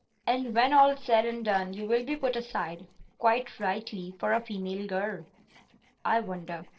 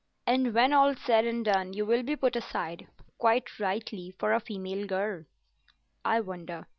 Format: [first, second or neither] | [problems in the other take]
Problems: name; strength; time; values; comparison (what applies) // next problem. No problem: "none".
second | noise reduction (neural separator model SepFormer DNS4)